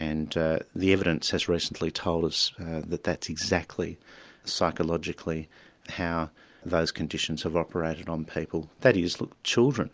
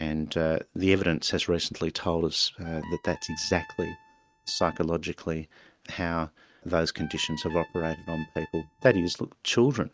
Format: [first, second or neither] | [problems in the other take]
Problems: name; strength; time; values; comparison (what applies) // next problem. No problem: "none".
first | noise reduction (neural mask model RNNoise)